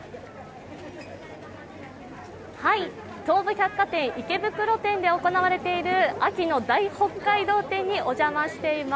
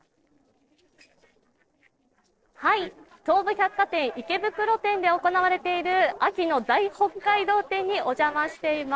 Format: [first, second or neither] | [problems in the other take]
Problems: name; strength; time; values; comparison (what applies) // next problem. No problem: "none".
first | noise reduction (neural separator model SepFormer DNS4)